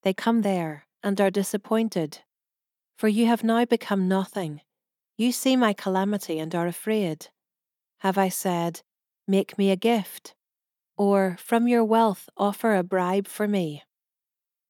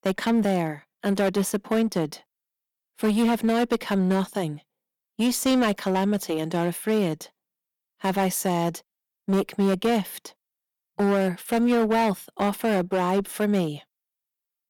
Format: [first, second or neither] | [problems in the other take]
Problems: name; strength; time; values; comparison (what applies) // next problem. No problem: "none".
first | distortion; slight; 12% of the sound clipped